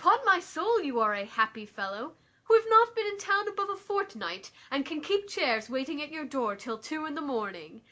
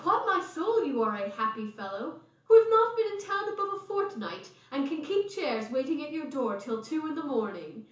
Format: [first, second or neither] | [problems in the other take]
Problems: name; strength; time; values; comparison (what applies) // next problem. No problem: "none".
first | room echo; dies away in 0.7 s